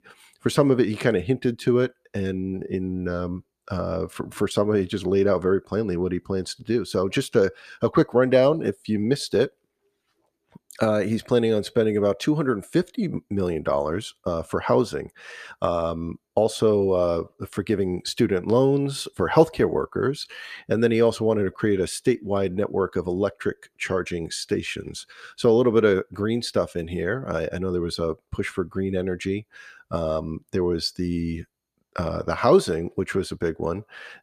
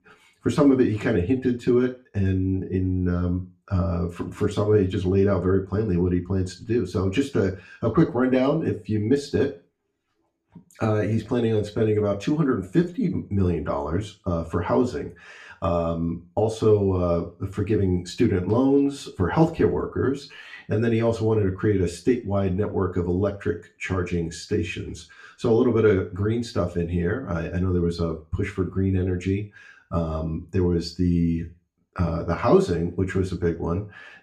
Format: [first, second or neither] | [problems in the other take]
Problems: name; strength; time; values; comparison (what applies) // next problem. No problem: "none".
first | room echo; very slight; dies away in 0.3 s // off-mic speech; far